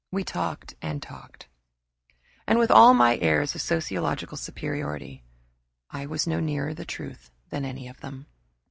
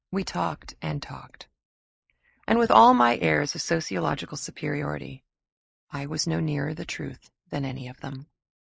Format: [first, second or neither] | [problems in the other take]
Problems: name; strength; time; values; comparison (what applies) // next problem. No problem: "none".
first | noise reduction (neural mask model Resemble Enhance denoiser)